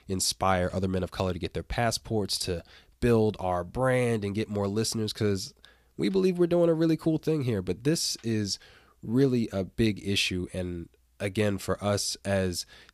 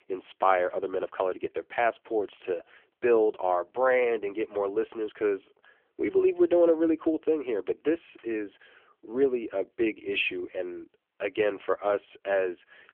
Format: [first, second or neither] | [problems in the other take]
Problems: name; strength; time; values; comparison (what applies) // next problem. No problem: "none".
first | phone-call audio; poor line; nothing above 3 kHz